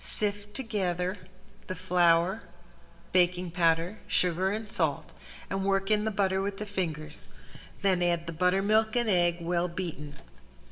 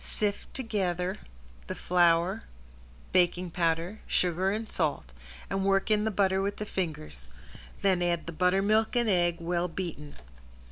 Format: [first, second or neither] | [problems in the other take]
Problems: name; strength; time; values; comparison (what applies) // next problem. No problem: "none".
second | room echo; dies away in 1.8 s